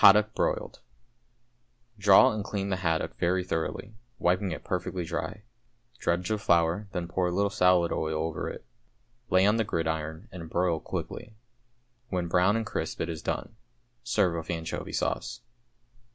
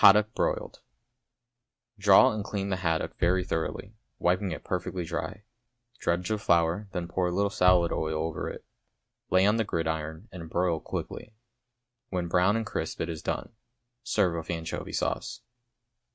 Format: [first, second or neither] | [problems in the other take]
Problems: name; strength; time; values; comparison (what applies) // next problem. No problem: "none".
first | noise reduction (neural mask model RNNoise)